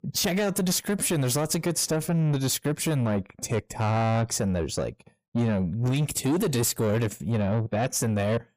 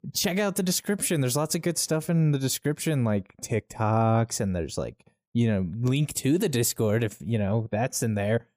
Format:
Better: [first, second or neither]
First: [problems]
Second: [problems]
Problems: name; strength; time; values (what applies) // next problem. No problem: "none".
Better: second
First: distortion; slight; 10 dB below the speech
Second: none